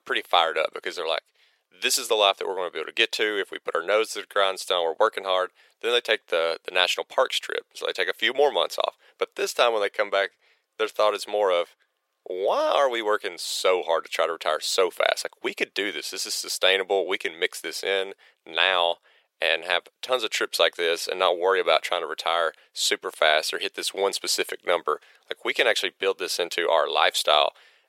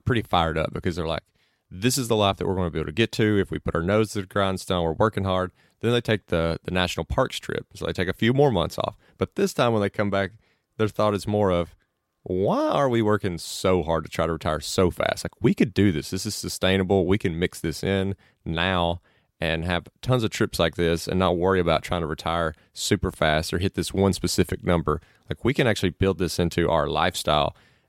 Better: second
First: thin; very; fading below 500 Hz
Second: none

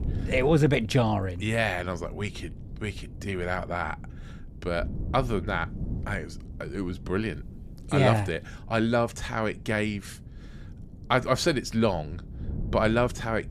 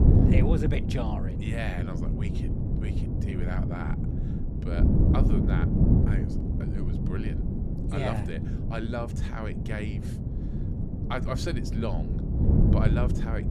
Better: first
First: wind noise on the microphone; occasional gusts; 20 dB below the speech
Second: wind noise on the microphone; heavy; 1 dB below the speech

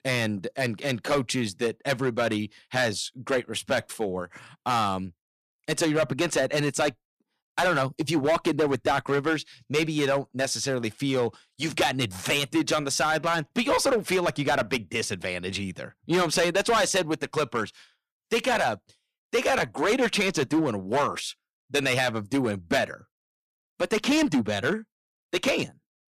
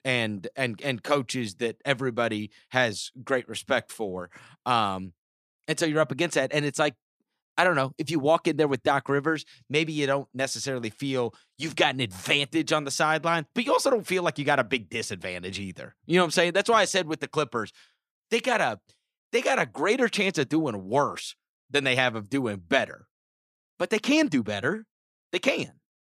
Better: second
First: distortion; heavy; 7% of the sound clipped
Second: none

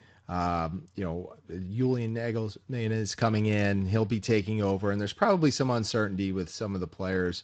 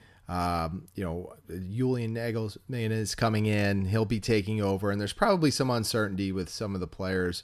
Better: second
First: garbled, watery; slightly; nothing above 7.5 kHz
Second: none

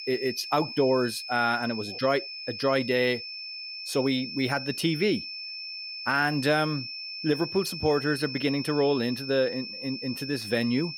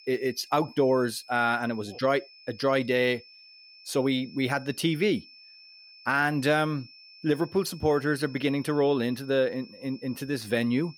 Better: second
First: high-pitched whine; loud; throughout; 5.5 kHz, 8 dB below the speech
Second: high-pitched whine; faint; throughout; 5.5 kHz, 20 dB below the speech

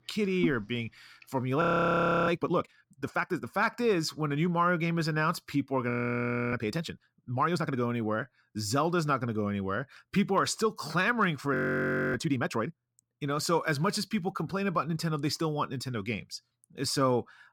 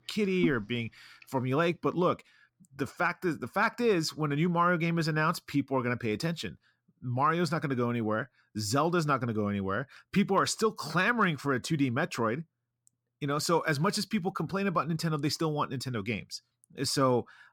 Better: second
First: audio freezing; at 1.5 s for 0.5 s, at 6 s for 0.5 s and at 12 s for 0.5 s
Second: none

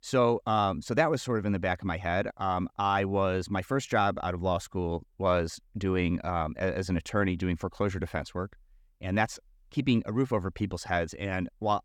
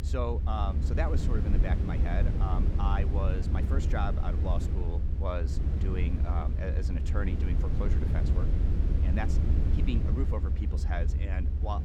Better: first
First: none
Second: low rumble; loud; throughout; 4 dB below the speech

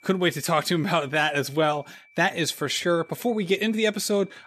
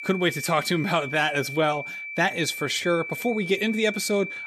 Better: first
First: high-pitched whine; faint; throughout; 2.5 kHz, 30 dB below the speech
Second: high-pitched whine; loud; throughout; 2.5 kHz, 8 dB below the speech

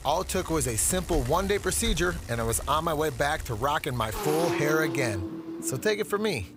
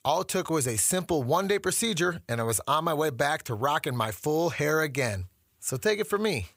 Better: second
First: traffic noise; loud; throughout; 8 dB below the speech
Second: none

